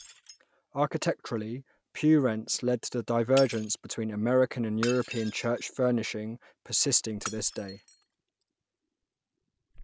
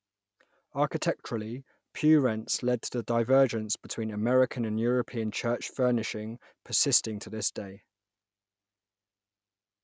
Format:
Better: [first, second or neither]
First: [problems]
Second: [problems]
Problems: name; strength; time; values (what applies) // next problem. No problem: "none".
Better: second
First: background sound (Shatter); 18 dB below the speech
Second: none